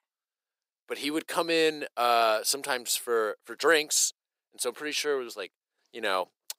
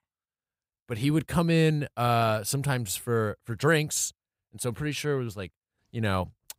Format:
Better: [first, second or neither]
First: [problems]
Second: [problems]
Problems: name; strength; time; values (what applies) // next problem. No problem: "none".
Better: second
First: thin; very; fading below 350 Hz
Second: none